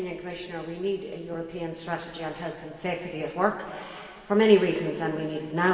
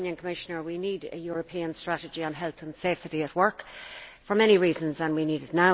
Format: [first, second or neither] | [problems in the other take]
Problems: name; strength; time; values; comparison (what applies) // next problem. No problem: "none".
second | room echo; dies away in 2.2 s